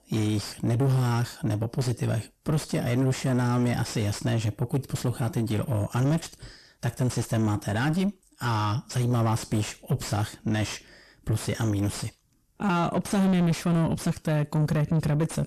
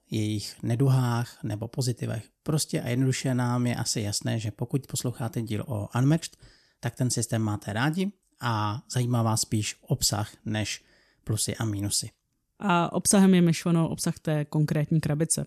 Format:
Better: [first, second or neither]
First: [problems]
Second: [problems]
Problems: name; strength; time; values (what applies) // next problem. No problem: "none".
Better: second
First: distortion; heavy; 7 dB below the speech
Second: none